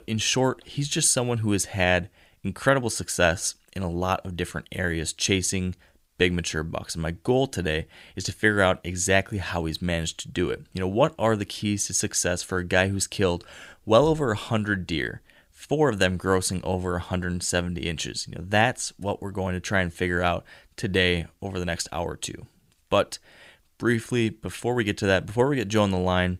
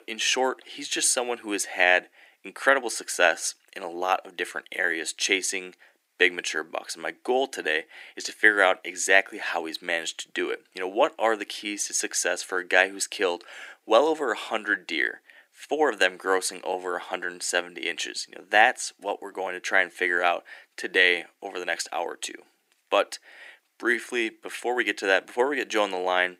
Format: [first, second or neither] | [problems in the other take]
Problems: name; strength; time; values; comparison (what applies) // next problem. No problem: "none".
first | thin; very; fading below 300 Hz